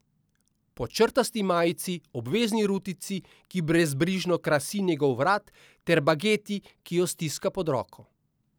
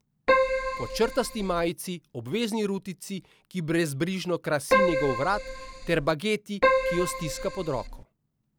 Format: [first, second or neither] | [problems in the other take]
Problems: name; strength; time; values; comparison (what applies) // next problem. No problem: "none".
first | background sound (Keyboard (musical)); 3 dB above the speech